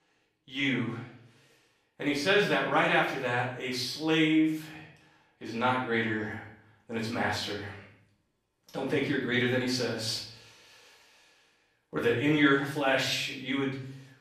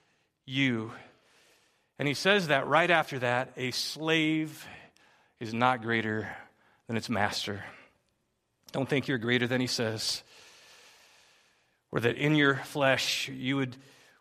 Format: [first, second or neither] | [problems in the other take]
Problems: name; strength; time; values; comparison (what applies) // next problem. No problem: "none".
second | off-mic speech; far // room echo; noticeable; dies away in 0.5 s